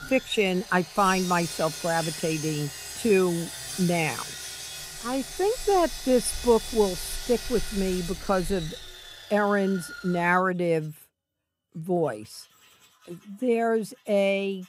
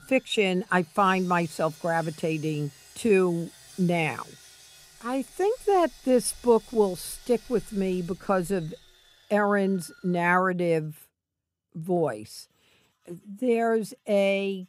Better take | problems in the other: second | machinery noise; loud; throughout; 10 dB below the speech; faint in the second

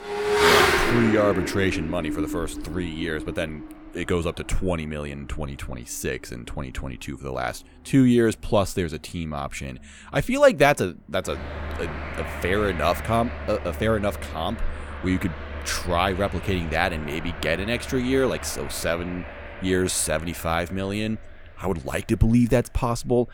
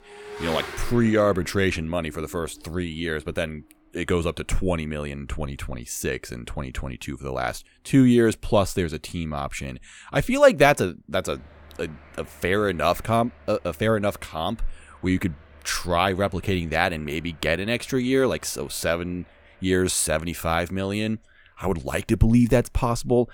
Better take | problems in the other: second | traffic noise; loud; throughout; 3 dB below the speech; faint in the second

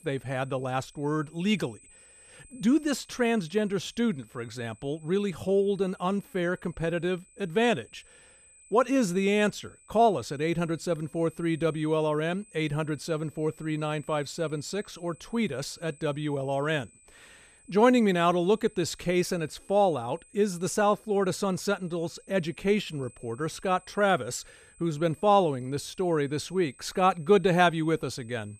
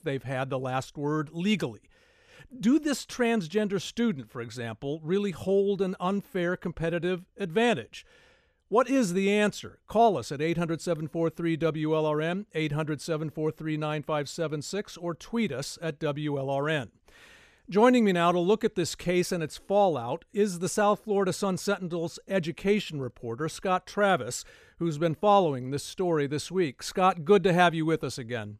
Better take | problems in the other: second | high-pitched whine; faint; throughout; 8 kHz, 25 dB below the speech

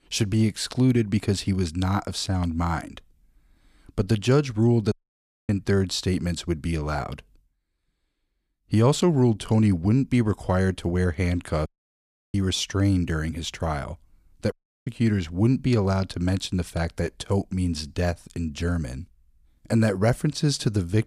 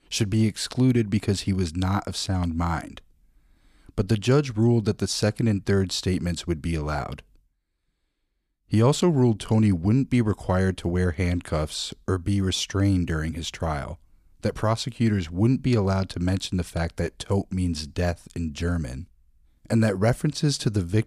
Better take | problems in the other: second | audio cutting out; at 5 s for 0.5 s, at 12 s for 0.5 s and at 15 s

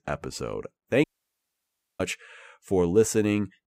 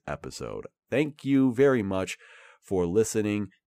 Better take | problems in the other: second | audio cutting out; at 1 s for 1 s

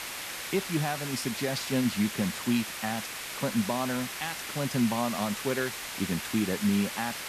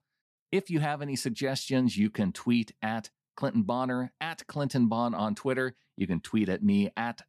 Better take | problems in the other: second | hiss; loud; throughout; 5 dB below the speech

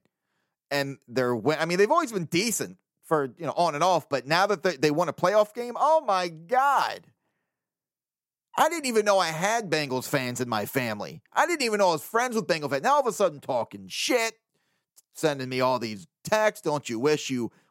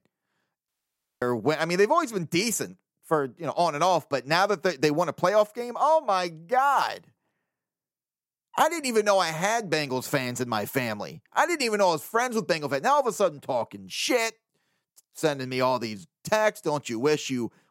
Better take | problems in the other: first | audio cutting out; at 0.5 s for 0.5 s

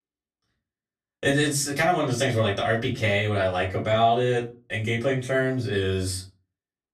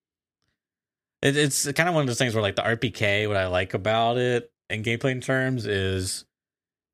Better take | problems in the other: second | off-mic speech; far // room echo; very slight; dies away in 0.3 s

